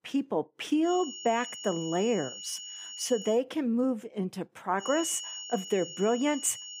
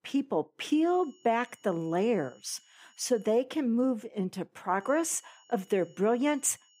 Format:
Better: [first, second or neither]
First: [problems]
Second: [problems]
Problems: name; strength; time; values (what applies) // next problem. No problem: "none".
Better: second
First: high-pitched whine; loud; from 1 to 3.5 s and from 5 s on; 3 kHz, 9 dB below the speech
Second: high-pitched whine; faint; from 1 to 3.5 s and from 5 s on; 3 kHz, 30 dB below the speech